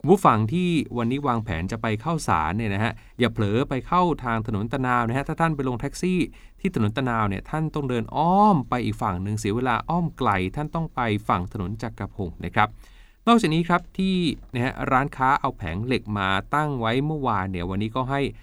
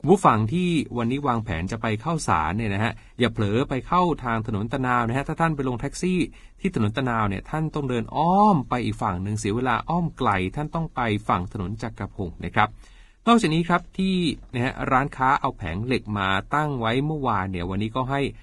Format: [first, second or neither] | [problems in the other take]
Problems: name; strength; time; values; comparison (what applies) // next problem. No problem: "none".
first | garbled, watery; badly; nothing above 10.5 kHz